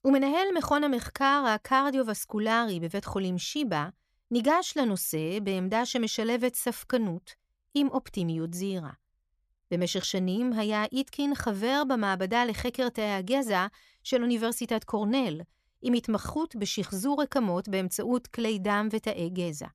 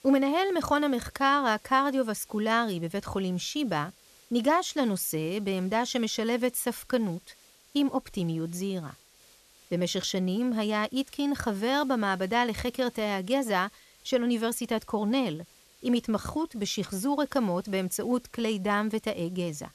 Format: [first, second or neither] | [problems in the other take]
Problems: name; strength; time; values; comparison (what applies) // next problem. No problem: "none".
first | hiss; faint; throughout; 25 dB below the speech